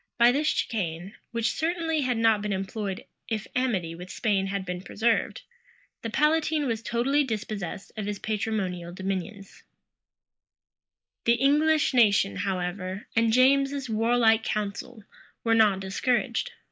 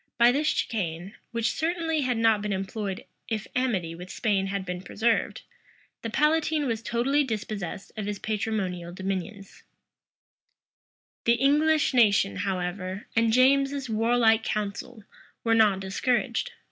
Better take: second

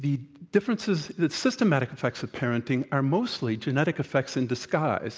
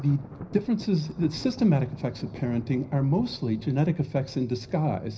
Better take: first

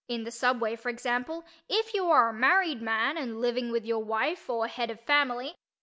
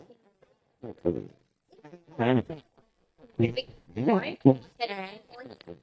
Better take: first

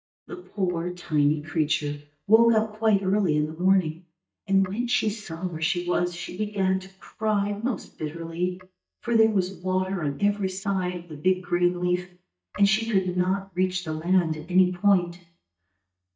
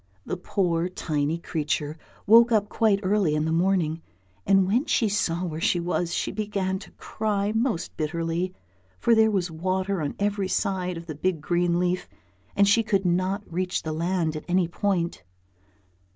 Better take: second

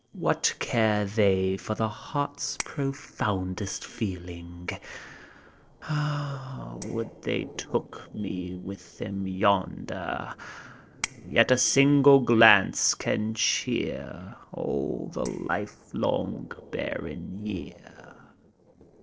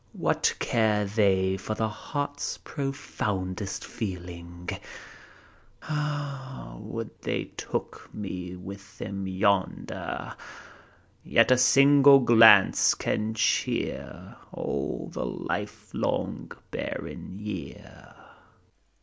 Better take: second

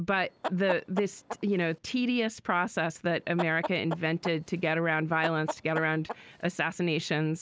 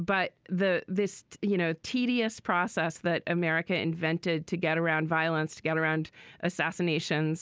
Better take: second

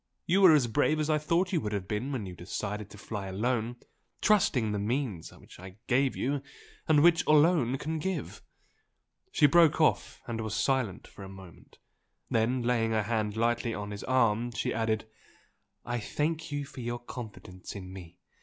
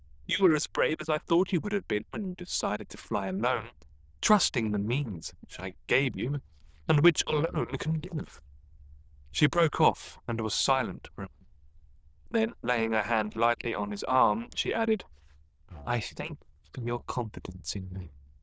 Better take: first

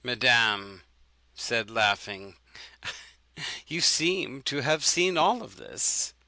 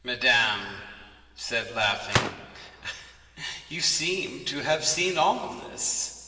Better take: first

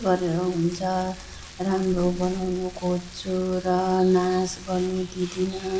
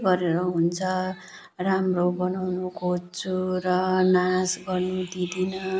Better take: second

